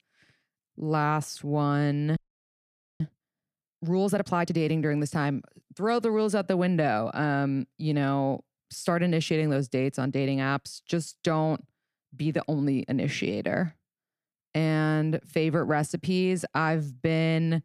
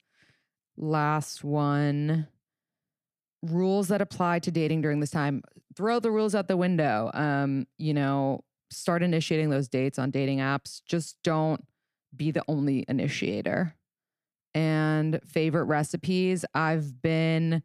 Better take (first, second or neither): second